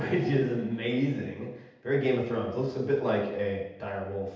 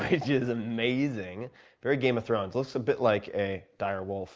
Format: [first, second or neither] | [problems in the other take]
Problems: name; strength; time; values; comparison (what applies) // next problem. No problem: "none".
second | room echo; dies away in 0.8 s